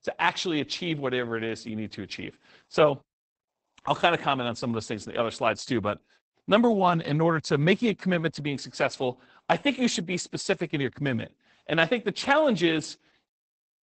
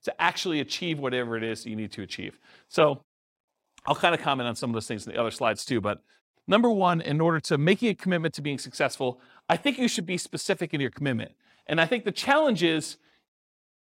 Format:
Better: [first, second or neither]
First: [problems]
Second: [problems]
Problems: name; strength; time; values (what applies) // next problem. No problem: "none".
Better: second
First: garbled, watery; badly; nothing above 8 kHz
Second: none